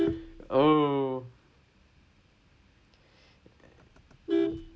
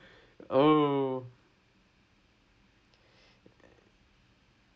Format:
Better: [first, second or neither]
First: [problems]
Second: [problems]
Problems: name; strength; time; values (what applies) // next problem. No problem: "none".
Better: second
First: background sound (Vehicle horn, car horn, honking); 4 dB below the speech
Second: none